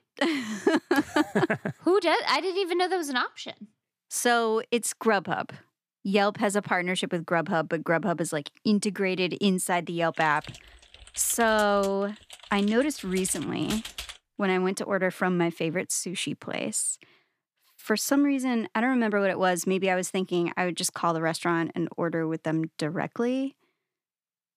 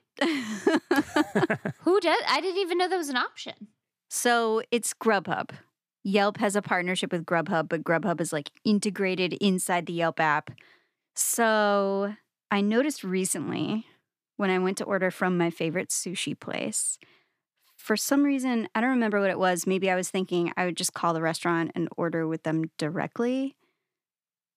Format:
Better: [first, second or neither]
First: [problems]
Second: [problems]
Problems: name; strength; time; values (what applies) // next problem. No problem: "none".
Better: second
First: keyboard typing; noticeable; from 10 to 14 s; peak 9 dB below the speech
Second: none